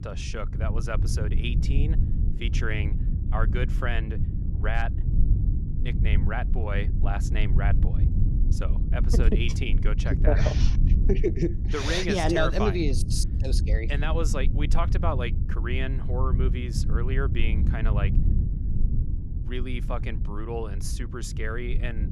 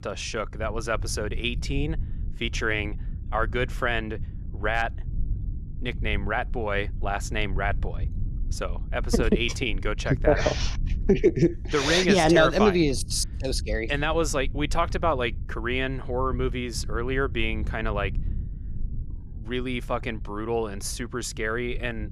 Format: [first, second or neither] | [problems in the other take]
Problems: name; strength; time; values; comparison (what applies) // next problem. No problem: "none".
second | low rumble; loud; throughout; 9 dB below the speech; faint in the second